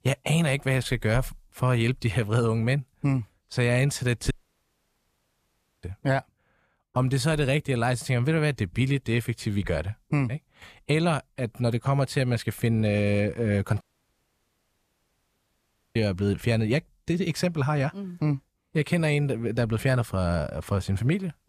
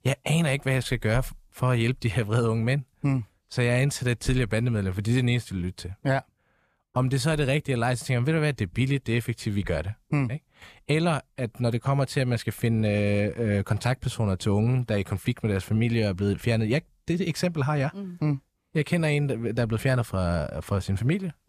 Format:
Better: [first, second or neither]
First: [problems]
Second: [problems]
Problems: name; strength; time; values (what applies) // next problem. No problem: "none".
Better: second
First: audio cutting out; at 4.5 s for 1.5 s and at 14 s for 2 s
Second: none